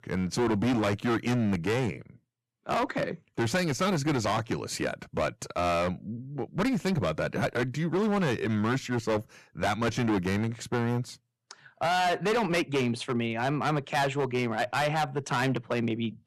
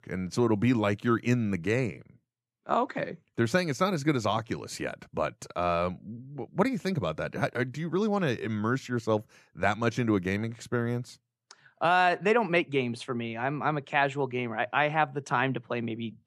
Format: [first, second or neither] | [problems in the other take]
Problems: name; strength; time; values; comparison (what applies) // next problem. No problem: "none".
second | distortion; heavy; 14% of the sound clipped